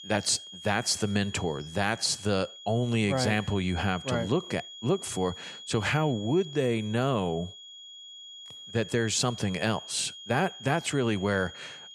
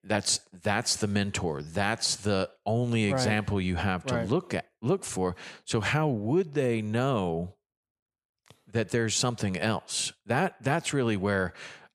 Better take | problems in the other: second | high-pitched whine; noticeable; throughout; 3.5 kHz, 15 dB below the speech

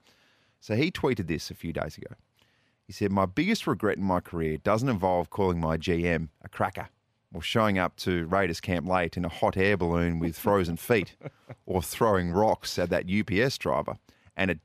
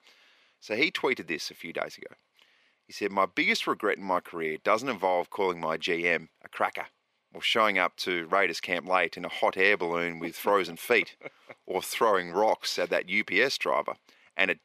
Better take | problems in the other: first | thin; somewhat; fading below 400 Hz

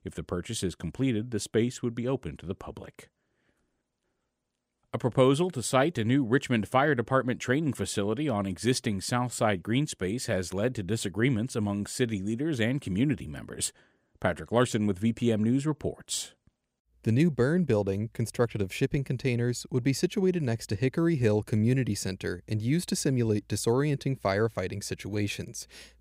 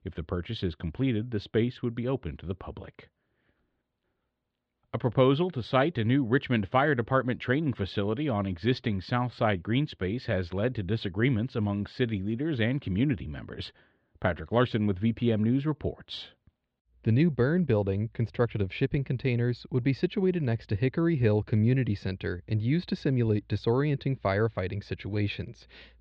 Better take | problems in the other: first | muffled; slightly; fading above 4 kHz

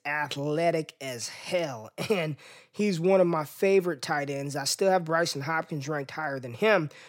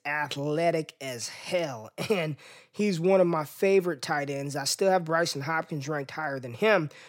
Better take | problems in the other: neither | none

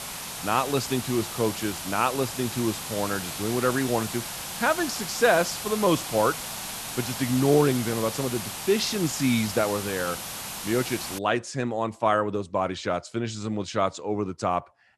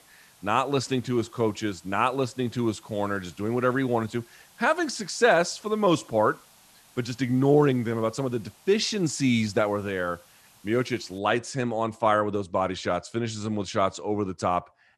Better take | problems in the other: second | hiss; loud; until 11 s; 6 dB below the speech; faint in the second

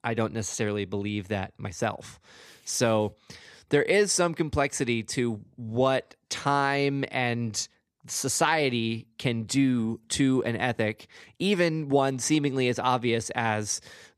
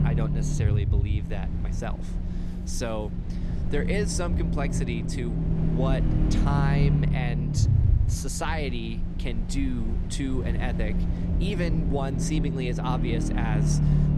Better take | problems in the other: first | low rumble; loud; throughout; 3 dB below the speech

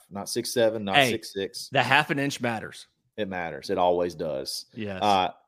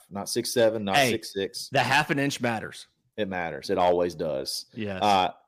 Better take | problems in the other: first | distortion; slight; 1% of the sound clipped

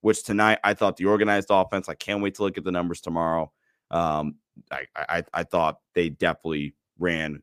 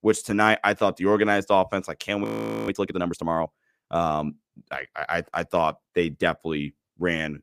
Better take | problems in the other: first | audio freezing; at 2 s

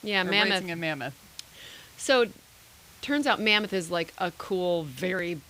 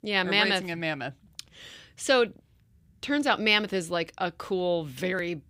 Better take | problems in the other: second | hiss; faint; throughout; 25 dB below the speech

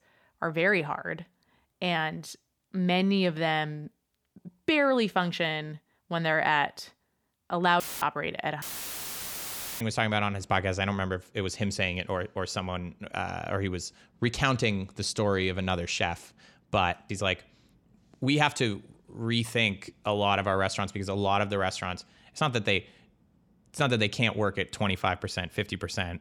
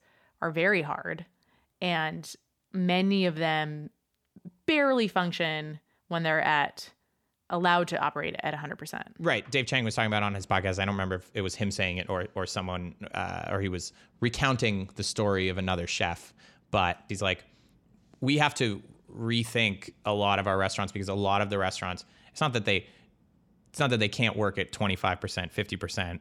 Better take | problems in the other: second | audio cutting out; filled with static; at 8 s and at 8.5 s for 1 s

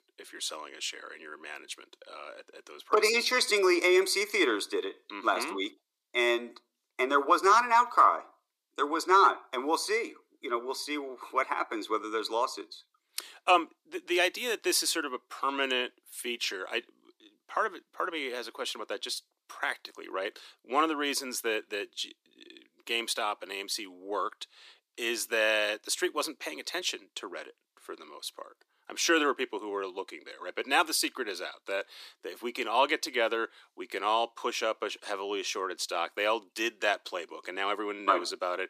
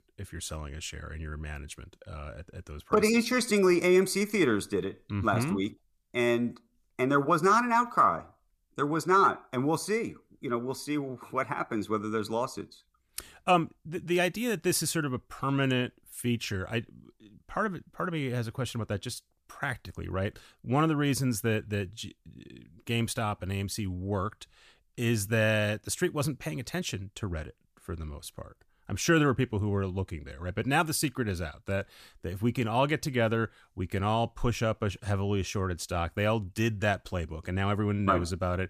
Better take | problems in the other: second | thin; very; fading below 300 Hz

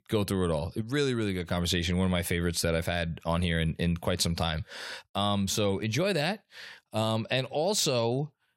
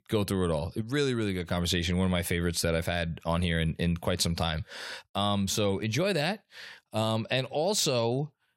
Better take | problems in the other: neither | none

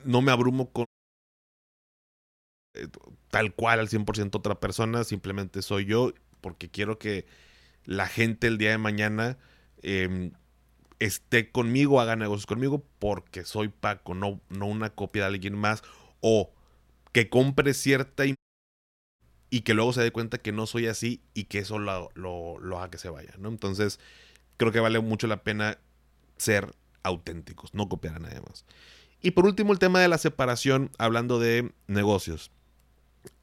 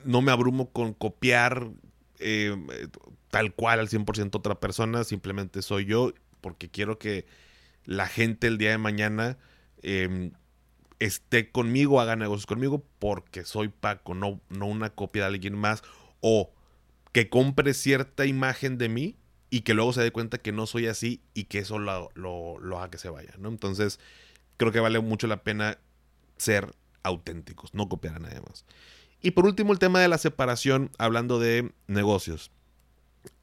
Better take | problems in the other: second | audio cutting out; at 1 s for 2 s and at 18 s for 1 s

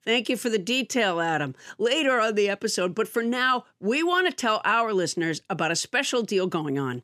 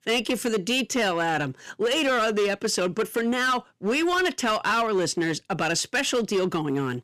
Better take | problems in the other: first | distortion; slight; 13% of the sound clipped

